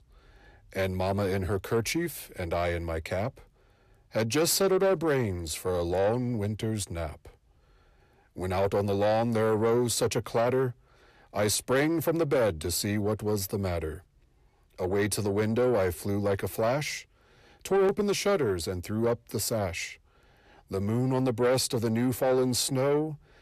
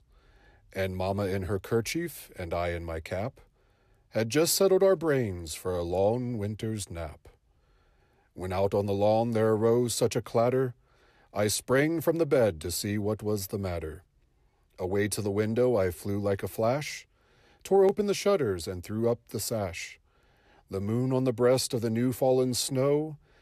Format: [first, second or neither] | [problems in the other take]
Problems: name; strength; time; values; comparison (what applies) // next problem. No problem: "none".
second | distortion; slight; 10 dB below the speech